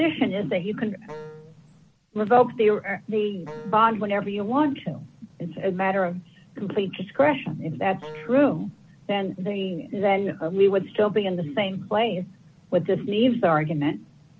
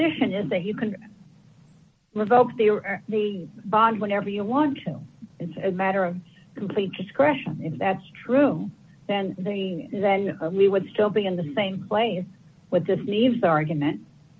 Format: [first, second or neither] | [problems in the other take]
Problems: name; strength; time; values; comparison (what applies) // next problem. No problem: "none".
second | background sound (Wind instrument, woodwind instrument); 18 dB below the speech